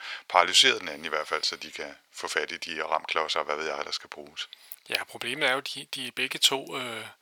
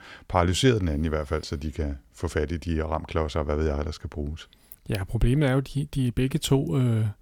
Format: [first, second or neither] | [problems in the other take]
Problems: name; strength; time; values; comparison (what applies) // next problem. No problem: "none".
second | thin; very; fading below 800 Hz